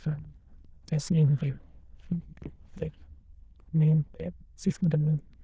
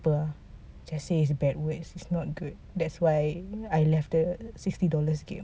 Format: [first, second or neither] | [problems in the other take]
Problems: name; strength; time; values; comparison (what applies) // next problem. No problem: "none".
second | noise reduction (neural diffusion model UNIVERSE++)